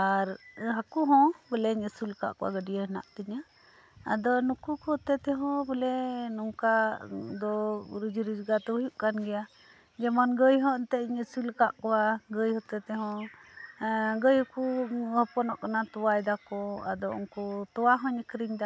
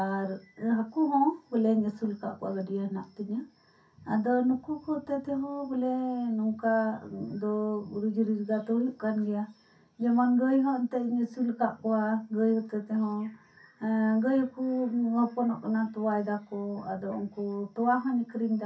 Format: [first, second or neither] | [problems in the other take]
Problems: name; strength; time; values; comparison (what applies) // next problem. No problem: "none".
first | room echo; dies away in 0.3 s